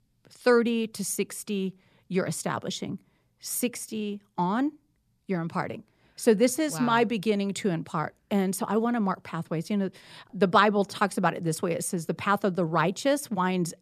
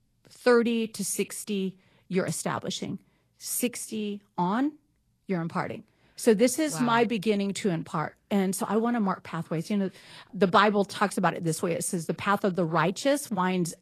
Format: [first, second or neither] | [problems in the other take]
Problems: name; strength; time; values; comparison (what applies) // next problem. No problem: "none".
first | garbled, watery; slightly; nothing above 13 kHz